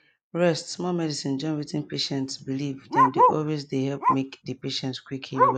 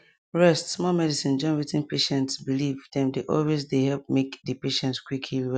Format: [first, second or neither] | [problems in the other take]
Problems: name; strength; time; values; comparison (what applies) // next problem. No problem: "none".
second | noise reduction (neural mask model Resemble Enhance denoiser)